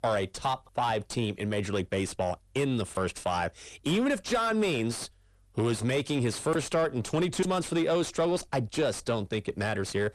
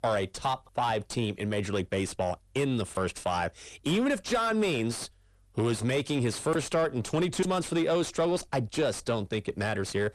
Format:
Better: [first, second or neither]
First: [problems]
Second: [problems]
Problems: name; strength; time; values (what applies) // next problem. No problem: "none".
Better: neither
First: distortion; slight; 10 dB below the speech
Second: distortion; slight; 10 dB below the speech